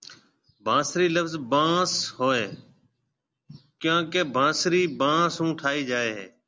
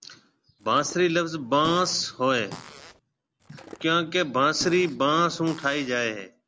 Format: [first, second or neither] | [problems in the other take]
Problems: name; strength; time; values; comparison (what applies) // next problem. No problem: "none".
first | background sound (Skateboard + Fart); 18 dB below the speech